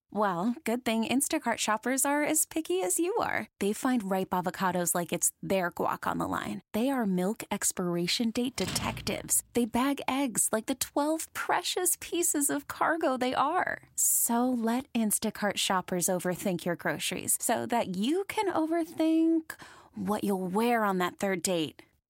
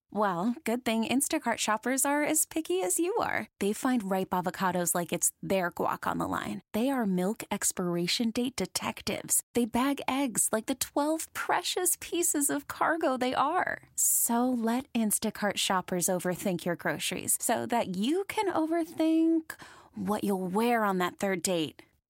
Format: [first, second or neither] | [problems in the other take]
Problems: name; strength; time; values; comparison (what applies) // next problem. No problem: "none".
second | door banging; noticeable; at 8.5 s; peak 7 dB below the speech